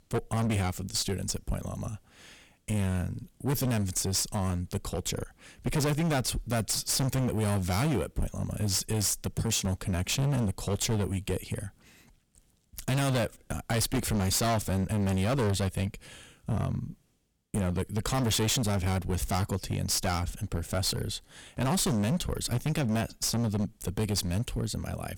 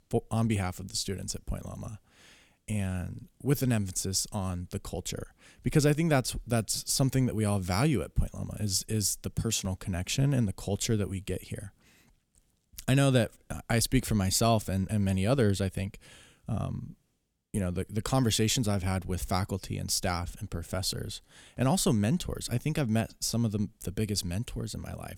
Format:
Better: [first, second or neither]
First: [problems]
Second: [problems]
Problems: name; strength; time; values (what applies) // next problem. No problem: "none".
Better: second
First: distortion; heavy; 17% of the sound clipped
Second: none